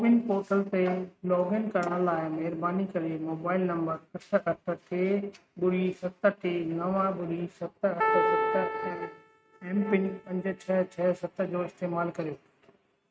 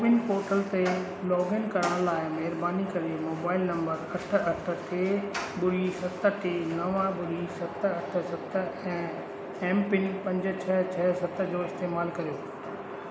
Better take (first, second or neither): second